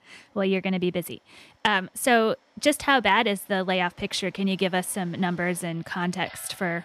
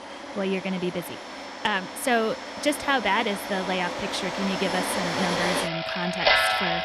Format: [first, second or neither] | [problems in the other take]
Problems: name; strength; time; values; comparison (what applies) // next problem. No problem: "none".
first | household noises; loud; throughout; as loud as the speech; faint in the first